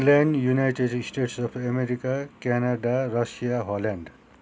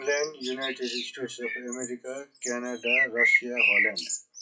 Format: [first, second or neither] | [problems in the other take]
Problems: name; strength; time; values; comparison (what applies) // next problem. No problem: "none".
first | noise reduction (classical method WPE with log-MMSE)